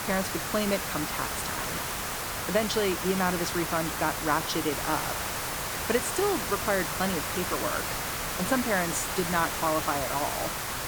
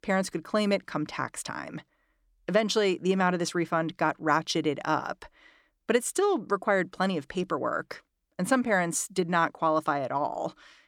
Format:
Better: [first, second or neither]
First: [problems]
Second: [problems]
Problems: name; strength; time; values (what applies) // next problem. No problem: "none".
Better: second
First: hiss; loud; throughout; 1 dB below the speech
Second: none